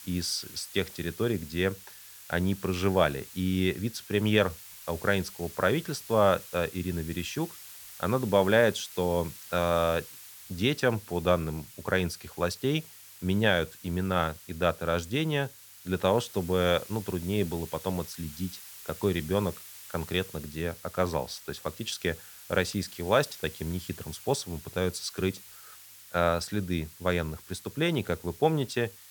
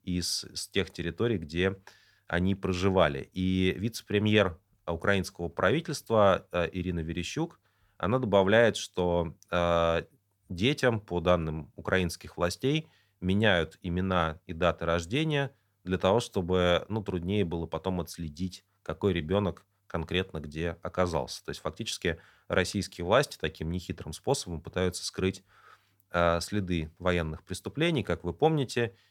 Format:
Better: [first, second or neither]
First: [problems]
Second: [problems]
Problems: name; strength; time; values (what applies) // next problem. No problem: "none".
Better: second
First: hiss; noticeable; throughout; 15 dB below the speech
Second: none